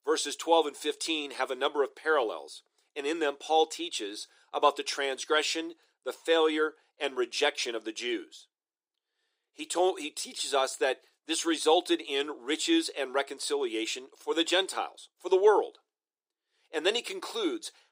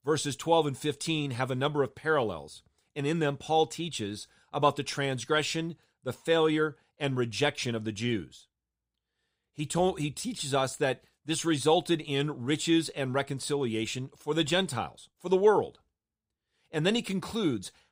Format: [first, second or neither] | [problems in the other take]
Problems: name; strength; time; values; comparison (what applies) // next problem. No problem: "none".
second | thin; very; fading below 350 Hz